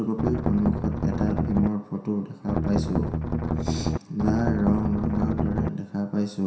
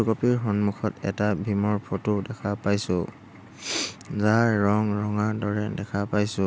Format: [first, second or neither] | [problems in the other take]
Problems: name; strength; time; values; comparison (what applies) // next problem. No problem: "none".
second | background sound (Strum); 1 dB above the speech // room echo; dies away in 0.7 s